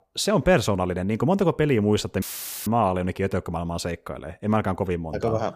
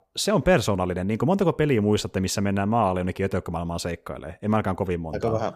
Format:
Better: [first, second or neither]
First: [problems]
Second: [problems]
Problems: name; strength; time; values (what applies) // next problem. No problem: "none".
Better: second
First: audio cutting out; filled with static; at 2 s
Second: none